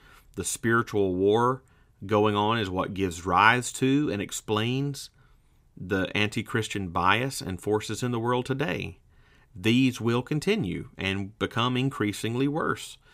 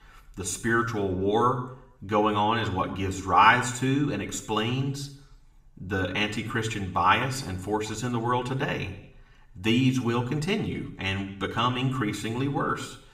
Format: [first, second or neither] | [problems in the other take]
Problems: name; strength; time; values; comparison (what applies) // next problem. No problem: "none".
first | room echo; slight; dies away in 0.7 s // off-mic speech; somewhat distant